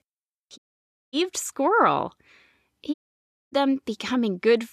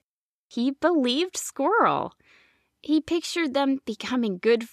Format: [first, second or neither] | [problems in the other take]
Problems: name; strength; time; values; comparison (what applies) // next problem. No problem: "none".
second | audio cutting out; at 0.5 s for 0.5 s and at 3 s for 0.5 s